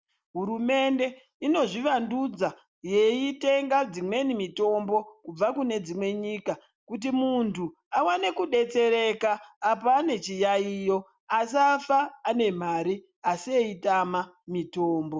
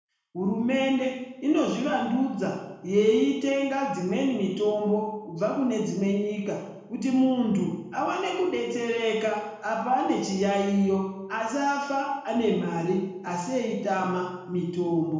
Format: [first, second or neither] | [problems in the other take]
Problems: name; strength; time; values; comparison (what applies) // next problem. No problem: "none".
first | room echo; dies away in 0.9 s